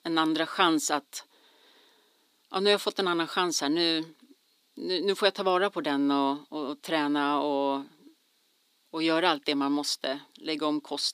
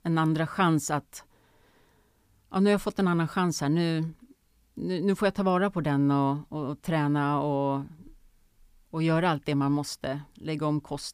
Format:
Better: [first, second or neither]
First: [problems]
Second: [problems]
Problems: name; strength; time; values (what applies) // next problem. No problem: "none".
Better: second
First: thin; very slightly; fading below 300 Hz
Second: none